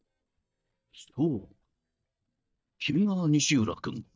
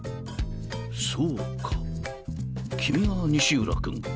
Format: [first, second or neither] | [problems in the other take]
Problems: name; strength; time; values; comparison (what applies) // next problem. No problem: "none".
second | noise reduction (neural mask model DeepFilterNet 3)